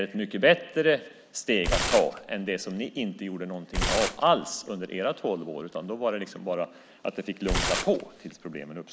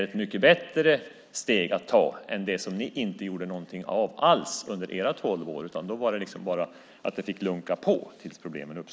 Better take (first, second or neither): second